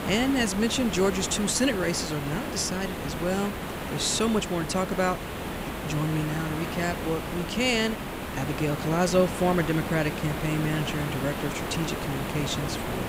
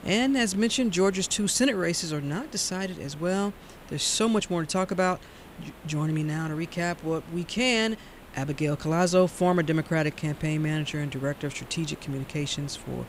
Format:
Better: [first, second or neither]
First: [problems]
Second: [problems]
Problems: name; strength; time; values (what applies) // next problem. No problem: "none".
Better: second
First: hiss; loud; throughout; 5 dB below the speech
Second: hiss; faint; throughout; 20 dB below the speech